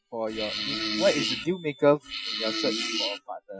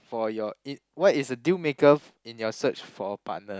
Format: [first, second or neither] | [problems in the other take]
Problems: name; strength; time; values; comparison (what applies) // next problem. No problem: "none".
second | noise reduction (classical method Wiener filter)